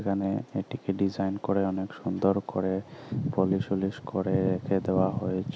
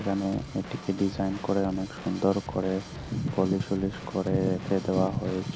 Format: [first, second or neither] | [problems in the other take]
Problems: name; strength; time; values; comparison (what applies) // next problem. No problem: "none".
first | background sound (Drum / Drum kit); 13 dB below the speech